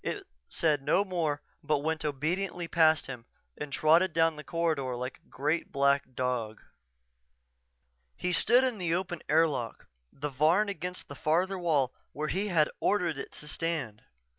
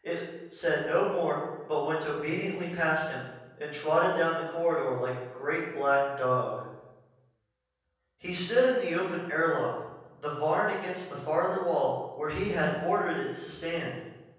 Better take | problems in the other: first | room echo; dies away in 1.1 s

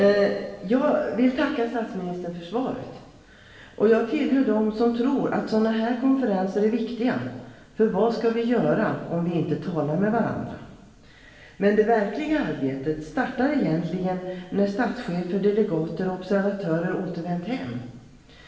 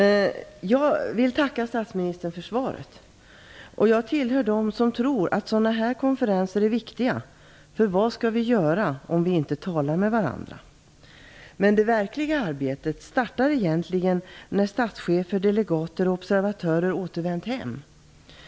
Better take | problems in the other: second | room echo; dies away in 1.2 s

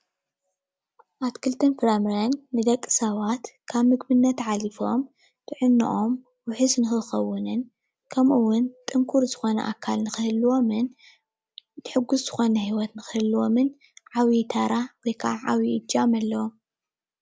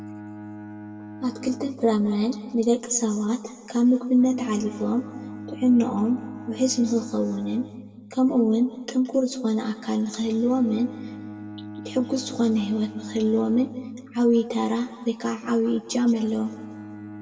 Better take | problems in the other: first | background sound (Bowed string instrument); 16 dB below the speech // room echo; dies away in 1.5 s

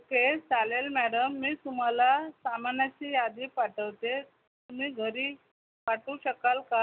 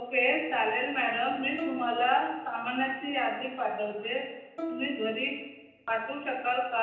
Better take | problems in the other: first | background sound (Plucked string instrument); 11 dB below the speech // room echo; dies away in 0.9 s

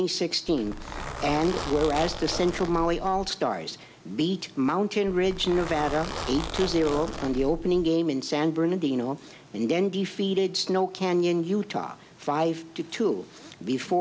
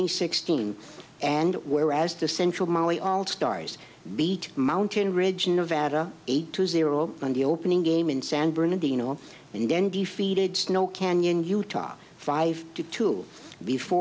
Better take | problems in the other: second | background sound (Zipper (clothing)); 8 dB below the speech

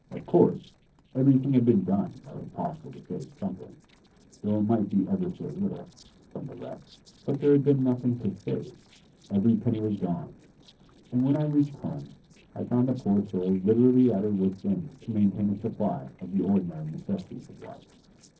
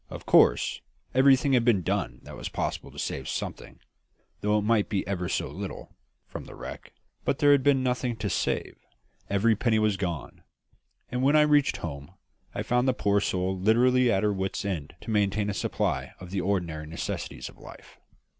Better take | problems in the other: second | noise reduction (neural separator model SepFormer DNS4)

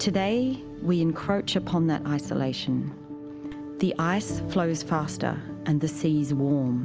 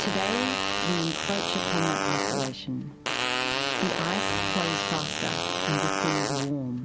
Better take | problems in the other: first | background sound (Fart); 3 dB above the speech

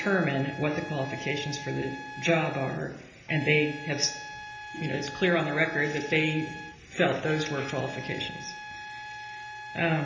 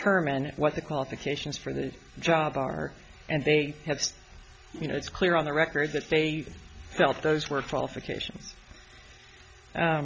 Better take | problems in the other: second | background sound (Trumpet); 12 dB below the speech // room echo; dies away in 0.8 s

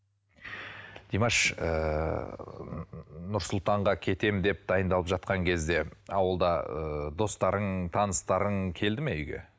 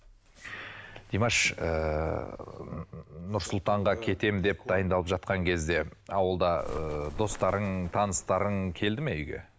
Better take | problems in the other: first | background sound (Bird); 18 dB below the speech

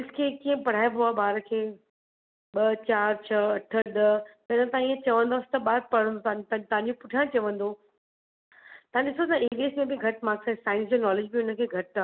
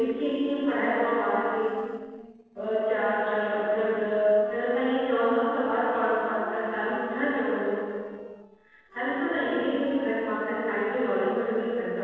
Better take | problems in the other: first | noise reduction (neural separator model SepFormer DNS4)

